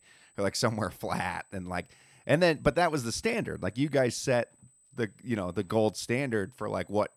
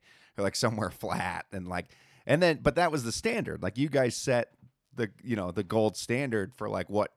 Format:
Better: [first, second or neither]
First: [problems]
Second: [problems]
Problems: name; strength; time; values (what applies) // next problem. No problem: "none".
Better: second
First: high-pitched whine; faint; throughout; 8 kHz, 30 dB below the speech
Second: none